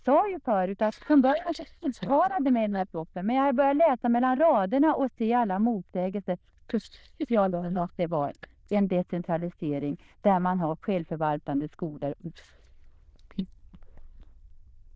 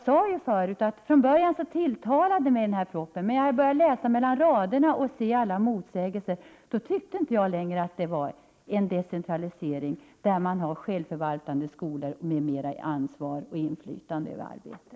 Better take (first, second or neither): second